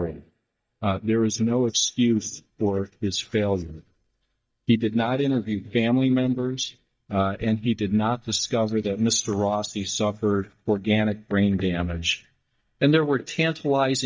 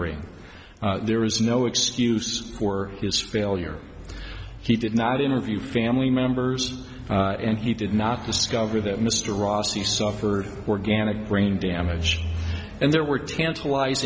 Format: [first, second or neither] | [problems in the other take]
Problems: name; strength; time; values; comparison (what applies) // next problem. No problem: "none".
second | noise reduction (neural mask model DeepFilterNet 3)